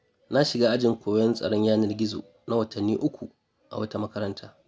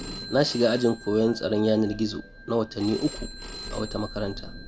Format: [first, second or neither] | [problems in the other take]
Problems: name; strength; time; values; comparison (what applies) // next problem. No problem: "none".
first | background sound (Thunder + Telephone); 13 dB below the speech